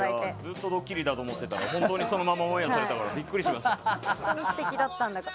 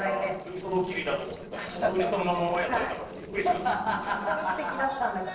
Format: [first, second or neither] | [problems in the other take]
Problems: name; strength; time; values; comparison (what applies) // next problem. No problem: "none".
first | noise reduction (neural separator model SepFormer DNS4)